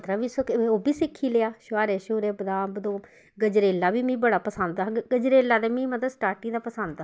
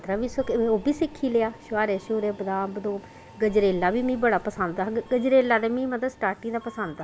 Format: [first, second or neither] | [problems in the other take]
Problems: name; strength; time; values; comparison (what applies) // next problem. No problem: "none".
first | background sound (Subway, metro, underground + Boom); 18 dB below the speech